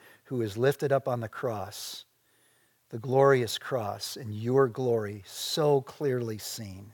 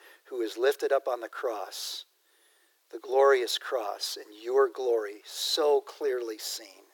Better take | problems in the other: first | thin; very; fading below 350 Hz

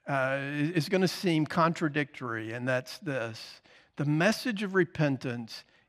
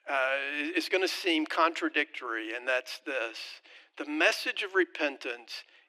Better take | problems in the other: first | thin; very; fading below 300 Hz

